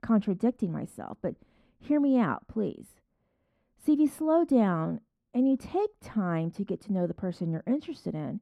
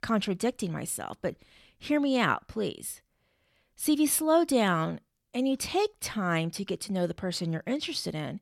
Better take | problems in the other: second | muffled; very; fading above 2 kHz

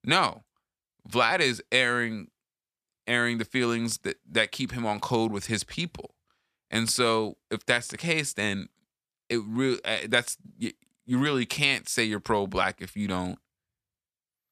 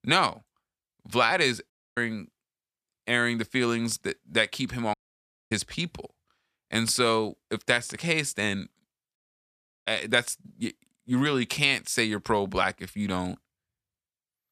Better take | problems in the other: first | audio cutting out; at 1.5 s, at 5 s for 0.5 s and at 9 s for 0.5 s

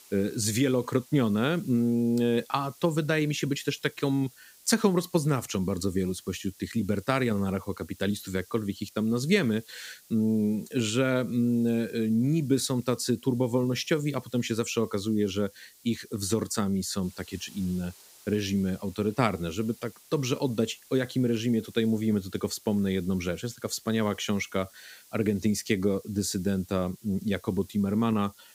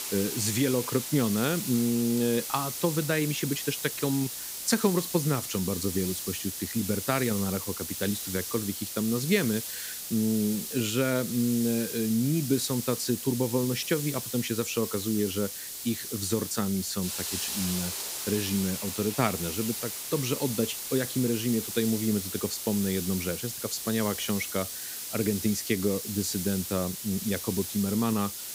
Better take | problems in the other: first | hiss; loud; throughout; 4 dB below the speech; faint in the first

